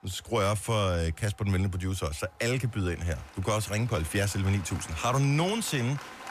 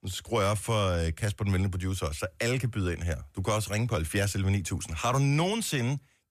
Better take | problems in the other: second | crowd noise; noticeable; throughout; 15 dB below the speech

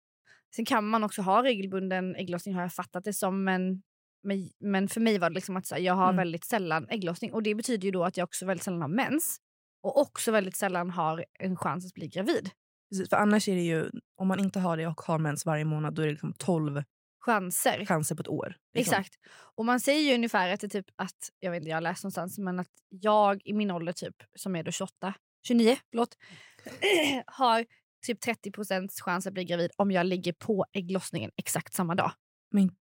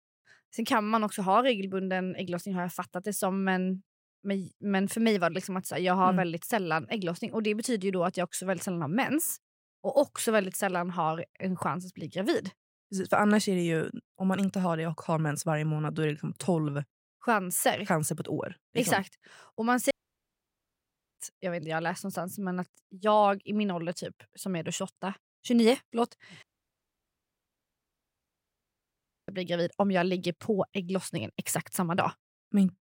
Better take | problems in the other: first | audio cutting out; at 20 s for 1.5 s and at 26 s for 3 s

